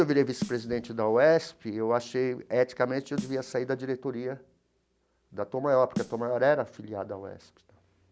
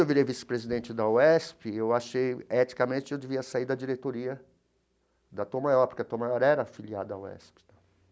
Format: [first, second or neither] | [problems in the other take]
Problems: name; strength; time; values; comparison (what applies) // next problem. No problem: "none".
second | background sound (Snare drum); 14 dB below the speech